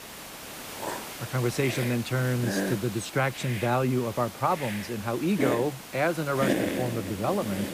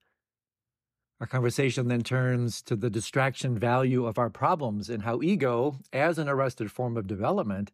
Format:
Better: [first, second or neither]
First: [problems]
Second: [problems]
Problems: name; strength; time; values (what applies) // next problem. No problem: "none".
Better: second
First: hiss; loud; throughout; 6 dB below the speech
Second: none